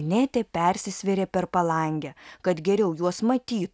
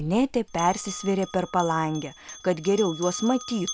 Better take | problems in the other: first | background sound (Bell); 14 dB below the speech

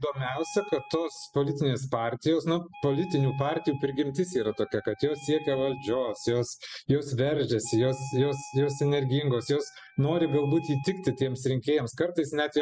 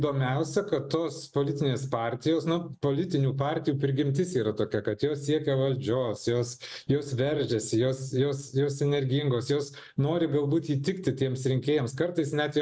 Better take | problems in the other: second | noise reduction (classical method spectral subtraction)

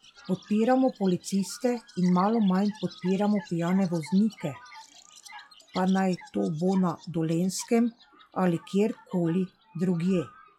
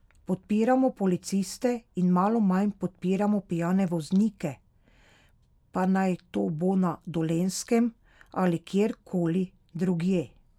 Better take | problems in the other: second | noise reduction (classical method log-MMSE)

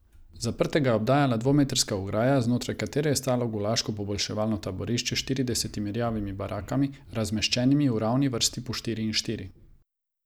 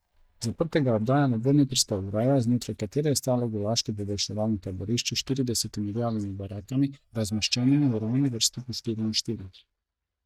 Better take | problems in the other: first | noise reduction (neural mask model DeepFilterNet 3)

